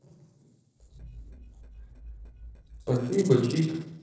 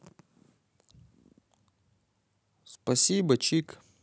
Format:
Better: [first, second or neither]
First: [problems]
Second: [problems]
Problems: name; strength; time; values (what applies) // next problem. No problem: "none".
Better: second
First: noise reduction (neural separator model SepFormer DNS4)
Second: none